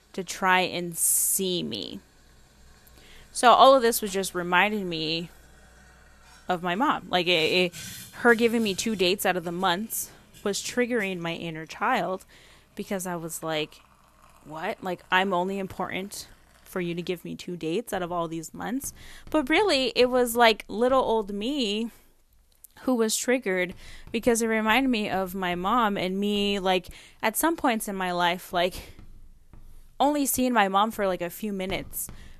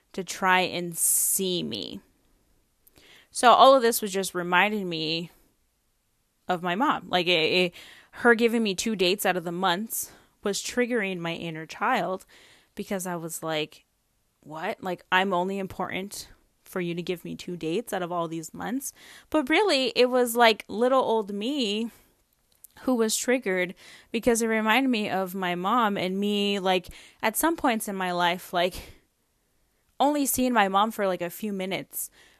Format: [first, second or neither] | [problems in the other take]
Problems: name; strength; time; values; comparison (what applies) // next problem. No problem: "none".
second | household noises; faint; throughout; 25 dB below the speech